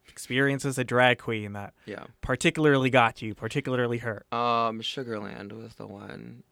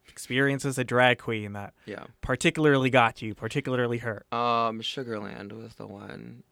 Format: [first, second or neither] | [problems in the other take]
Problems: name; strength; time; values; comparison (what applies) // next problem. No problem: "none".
neither | none